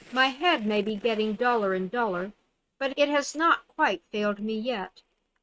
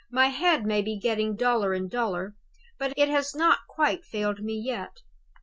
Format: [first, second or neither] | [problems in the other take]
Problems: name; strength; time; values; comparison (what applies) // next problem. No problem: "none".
second | noise reduction (neural mask model RNNoise)